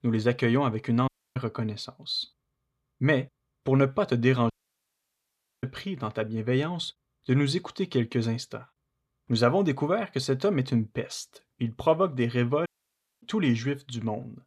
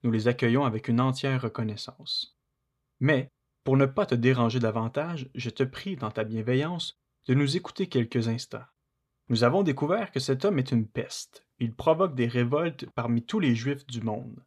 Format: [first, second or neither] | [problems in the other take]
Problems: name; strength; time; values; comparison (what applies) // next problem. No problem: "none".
second | audio cutting out; at 1 s, at 4.5 s for 1 s and at 13 s for 0.5 s